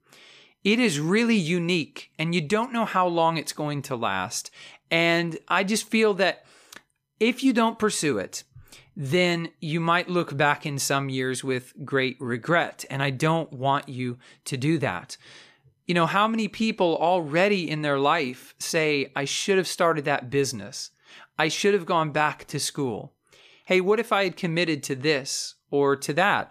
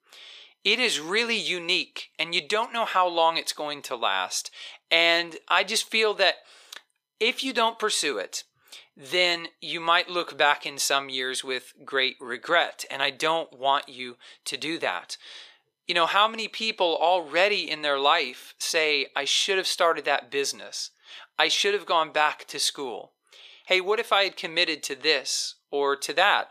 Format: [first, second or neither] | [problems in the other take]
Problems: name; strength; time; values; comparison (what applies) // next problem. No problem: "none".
first | thin; very; fading below 550 Hz